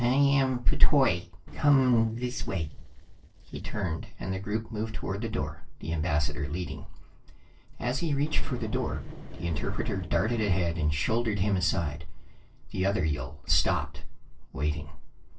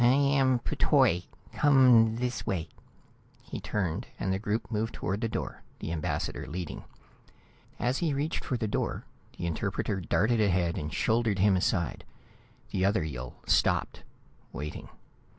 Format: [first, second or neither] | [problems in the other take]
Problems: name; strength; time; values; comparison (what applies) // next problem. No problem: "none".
second | noise reduction (neural separator model SepFormer DNS4)